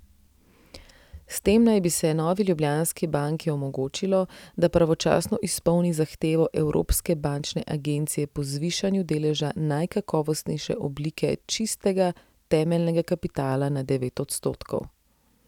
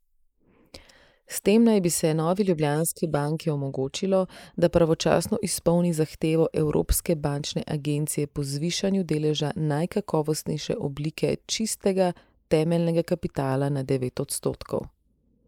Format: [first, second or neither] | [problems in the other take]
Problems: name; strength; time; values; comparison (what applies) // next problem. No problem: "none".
first | noise reduction (neural mask model Resemble Enhance denoiser)